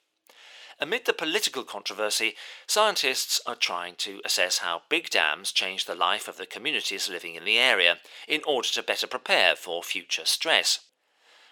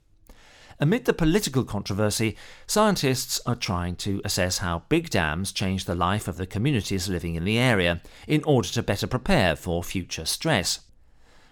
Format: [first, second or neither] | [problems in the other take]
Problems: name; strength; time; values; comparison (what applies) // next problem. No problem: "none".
second | thin; very; fading below 450 Hz